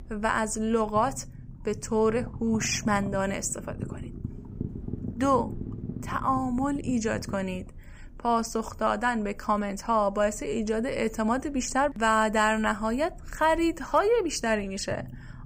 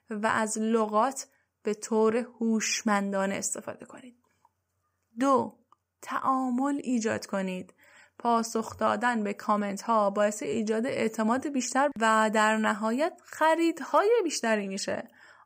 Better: second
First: low rumble; faint; throughout; 20 dB below the speech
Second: none

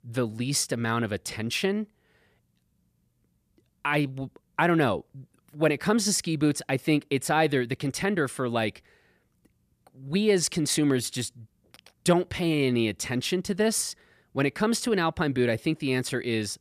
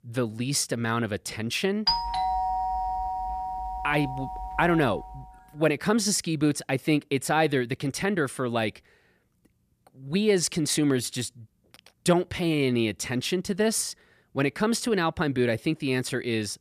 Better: first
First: none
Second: doorbell; loud; from 2 to 5 s; peak 2 dB above the speech

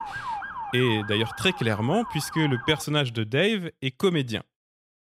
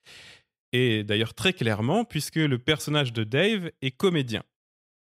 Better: second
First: siren; noticeable; until 3 s; peak 7 dB below the speech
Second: none

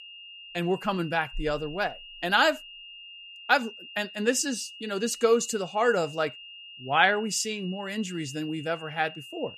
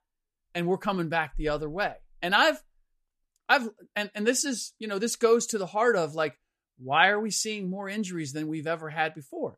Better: second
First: high-pitched whine; noticeable; throughout; 3 kHz, 15 dB below the speech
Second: none

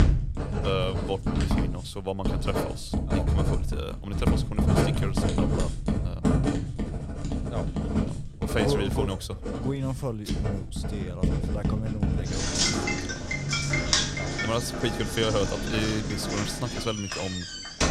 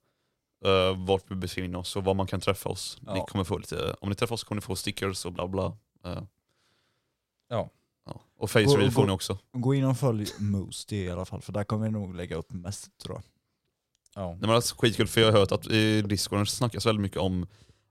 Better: second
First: household noises; very loud; throughout; 4 dB above the speech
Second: none

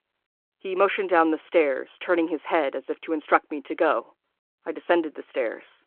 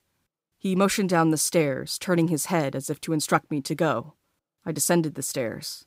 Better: second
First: phone-call audio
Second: none

